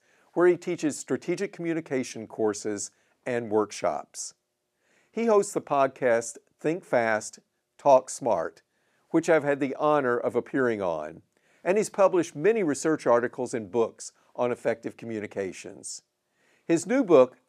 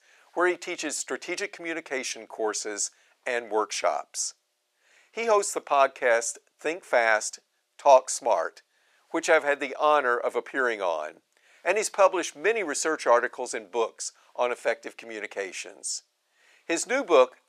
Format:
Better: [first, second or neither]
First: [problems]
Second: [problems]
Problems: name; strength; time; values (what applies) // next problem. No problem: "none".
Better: first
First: none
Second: thin; somewhat; fading below 600 Hz